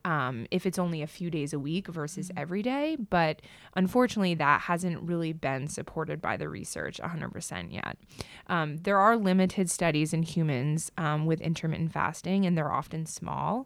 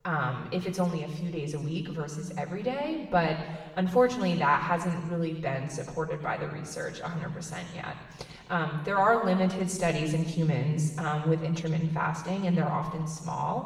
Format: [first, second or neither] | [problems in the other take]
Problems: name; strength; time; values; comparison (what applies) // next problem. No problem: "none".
first | room echo; noticeable; dies away in 1.1 s // off-mic speech; far